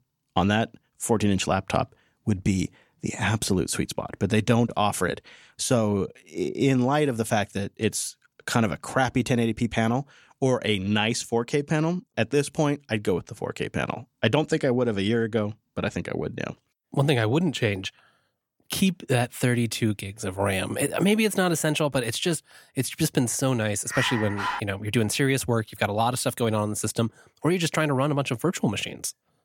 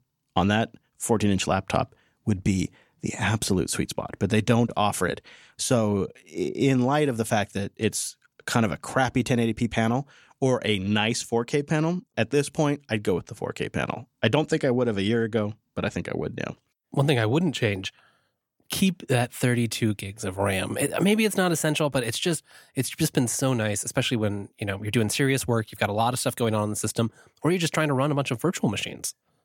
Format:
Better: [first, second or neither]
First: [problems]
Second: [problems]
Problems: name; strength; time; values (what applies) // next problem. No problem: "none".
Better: second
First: dog barking; noticeable; at 24 s; peak 3 dB below the speech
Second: none